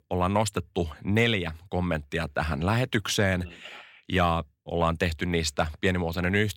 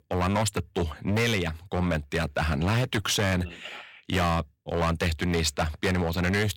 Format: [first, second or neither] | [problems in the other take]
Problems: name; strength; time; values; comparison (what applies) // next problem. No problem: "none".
first | distortion; heavy; 12% of the sound clipped